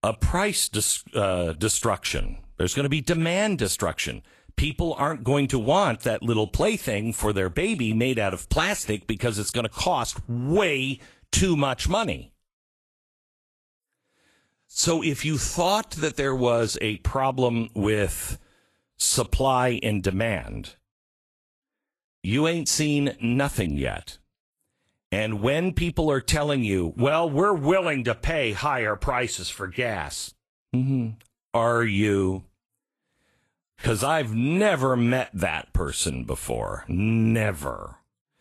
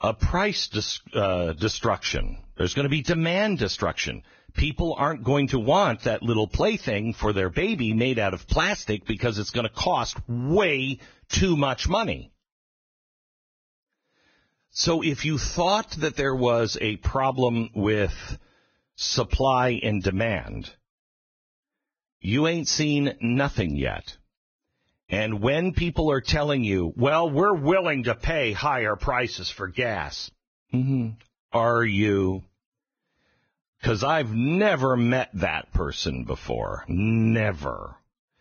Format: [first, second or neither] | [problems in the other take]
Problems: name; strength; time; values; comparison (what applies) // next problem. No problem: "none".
first | garbled, watery; badly; nothing above 6.5 kHz; slightly in the first